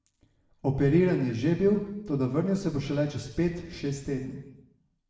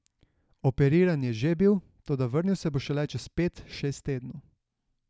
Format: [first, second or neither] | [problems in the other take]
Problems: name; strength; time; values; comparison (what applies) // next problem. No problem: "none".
second | room echo; dies away in 0.9 s